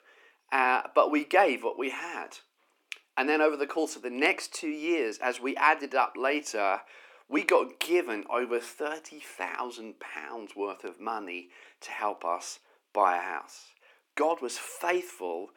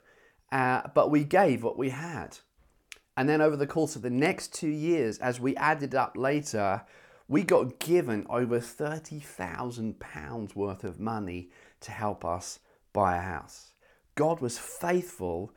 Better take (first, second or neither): second